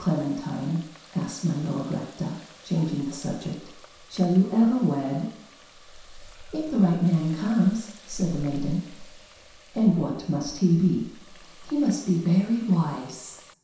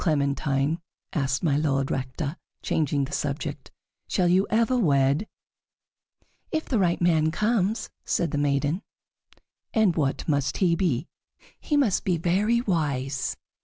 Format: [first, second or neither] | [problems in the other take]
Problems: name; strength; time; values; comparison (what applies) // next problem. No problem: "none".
second | background sound (Water tap, faucet); 19 dB below the speech // room echo; dies away in 0.7 s